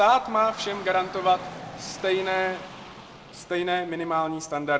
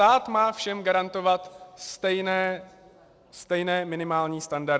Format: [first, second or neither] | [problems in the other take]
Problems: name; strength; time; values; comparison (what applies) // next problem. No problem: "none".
second | background sound (Rain / Dog); 16 dB below the speech // room echo; dies away in 0.7 s